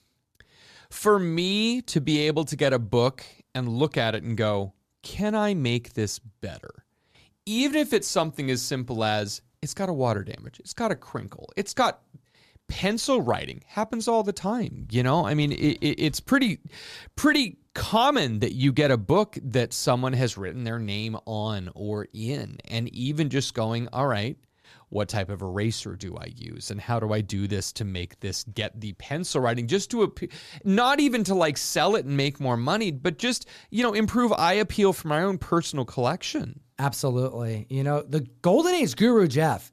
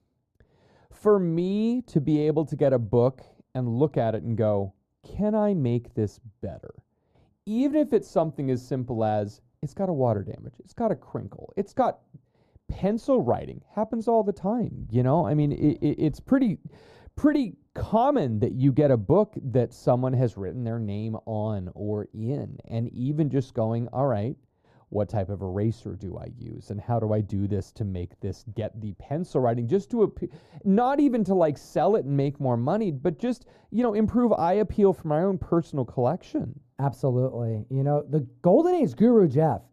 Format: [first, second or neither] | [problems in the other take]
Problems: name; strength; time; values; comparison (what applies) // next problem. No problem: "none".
first | muffled; very; fading above 1 kHz